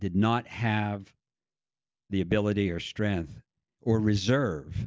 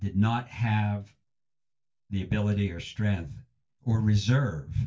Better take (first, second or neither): first